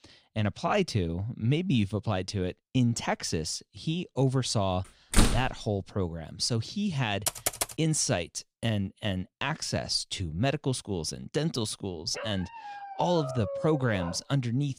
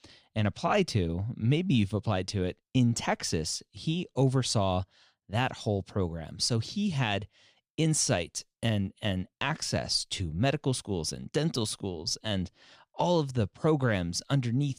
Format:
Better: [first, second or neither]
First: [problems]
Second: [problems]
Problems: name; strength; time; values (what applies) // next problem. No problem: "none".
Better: second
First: door banging; loud; at 5 s; peak 4 dB above the speech // keyboard typing; loud; at 7.5 s; peak level with the speech // dog barking; noticeable; from 12 to 14 s; peak 7 dB below the speech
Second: none